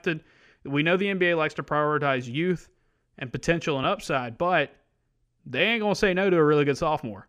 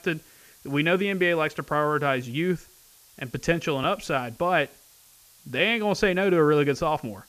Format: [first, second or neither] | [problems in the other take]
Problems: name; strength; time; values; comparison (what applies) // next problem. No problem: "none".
first | hiss; faint; throughout; 25 dB below the speech